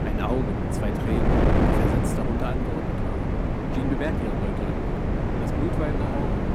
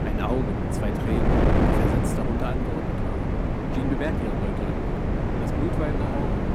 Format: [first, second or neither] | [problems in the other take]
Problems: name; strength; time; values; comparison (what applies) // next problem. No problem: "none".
neither | wind noise on the microphone; heavy; 5 dB above the speech; the same in both